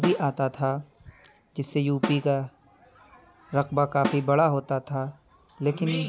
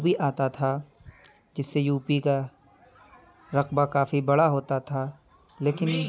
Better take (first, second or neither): second